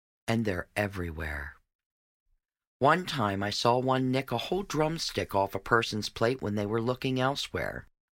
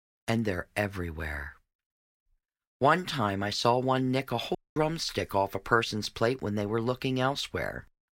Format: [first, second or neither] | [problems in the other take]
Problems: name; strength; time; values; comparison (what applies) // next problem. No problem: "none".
first | audio cutting out; at 4.5 s